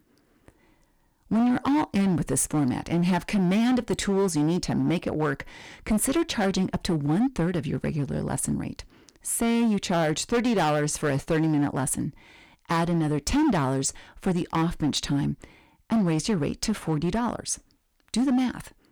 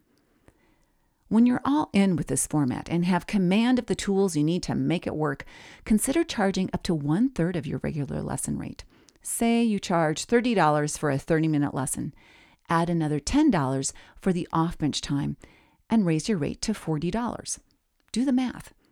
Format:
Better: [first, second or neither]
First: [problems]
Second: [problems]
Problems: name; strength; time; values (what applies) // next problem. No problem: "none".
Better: second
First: distortion; slight; 12% of the sound clipped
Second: none